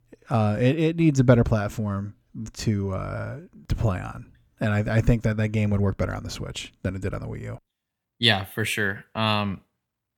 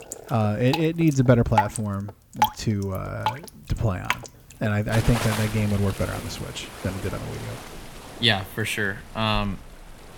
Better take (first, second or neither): first